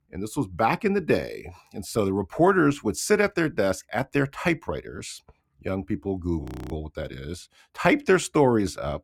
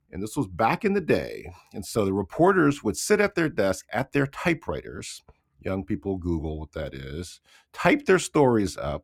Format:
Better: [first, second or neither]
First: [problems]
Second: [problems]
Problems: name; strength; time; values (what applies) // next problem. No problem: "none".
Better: second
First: audio freezing; at 6.5 s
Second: none